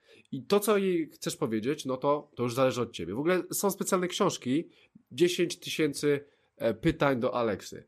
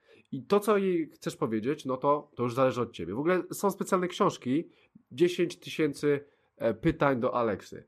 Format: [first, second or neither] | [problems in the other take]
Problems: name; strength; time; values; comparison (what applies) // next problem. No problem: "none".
first | muffled; slightly; fading above 3 kHz